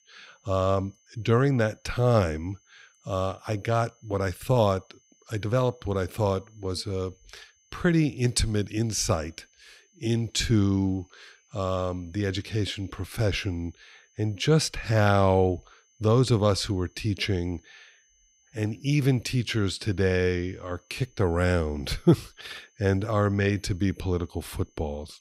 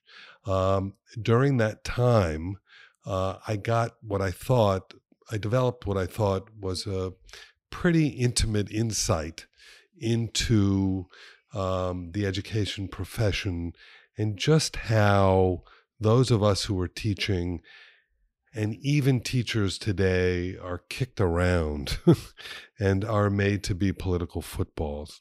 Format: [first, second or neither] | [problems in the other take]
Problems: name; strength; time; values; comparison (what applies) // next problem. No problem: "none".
second | high-pitched whine; faint; throughout; 6 kHz, 35 dB below the speech